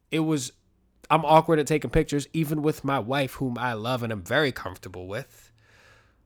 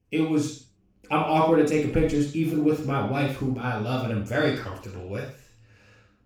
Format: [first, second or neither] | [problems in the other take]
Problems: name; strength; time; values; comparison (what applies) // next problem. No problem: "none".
first | room echo; noticeable; dies away in 0.4 s // off-mic speech; far